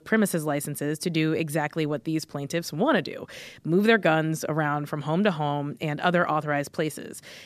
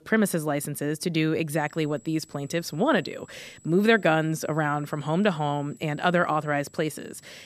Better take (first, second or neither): first